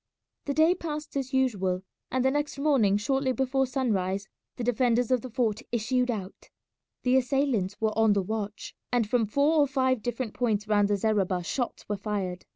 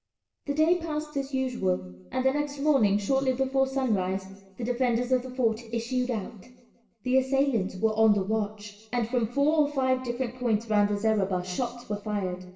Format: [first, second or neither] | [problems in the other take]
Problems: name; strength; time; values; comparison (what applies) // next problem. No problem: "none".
first | room echo; dies away in 1 s